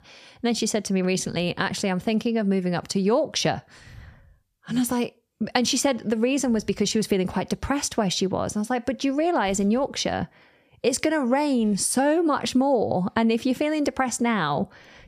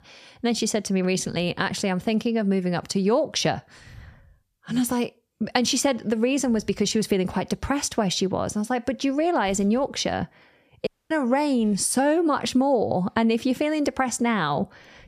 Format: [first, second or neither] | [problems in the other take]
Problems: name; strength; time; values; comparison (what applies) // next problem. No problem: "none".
first | audio cutting out; at 11 s